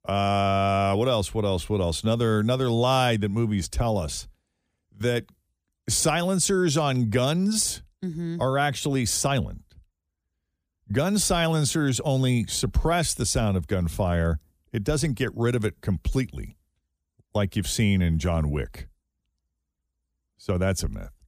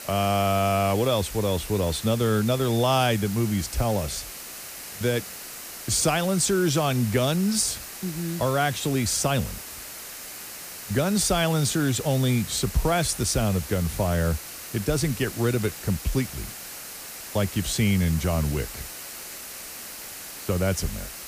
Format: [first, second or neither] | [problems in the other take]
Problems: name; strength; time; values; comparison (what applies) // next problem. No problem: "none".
first | hiss; noticeable; throughout; 10 dB below the speech